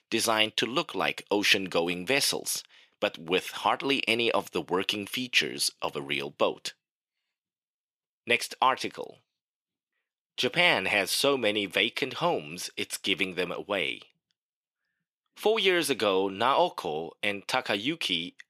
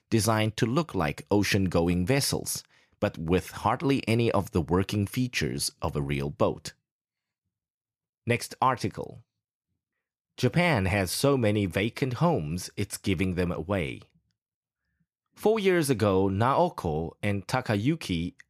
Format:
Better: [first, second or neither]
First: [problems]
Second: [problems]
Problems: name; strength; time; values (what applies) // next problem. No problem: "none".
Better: second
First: thin; somewhat; fading below 350 Hz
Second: none